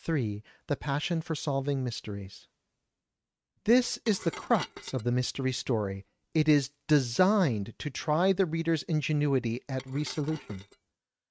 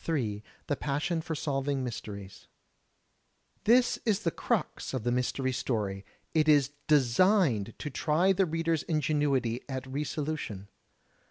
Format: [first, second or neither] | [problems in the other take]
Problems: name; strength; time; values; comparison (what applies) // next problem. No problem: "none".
second | noise reduction (neural mask model RNNoise)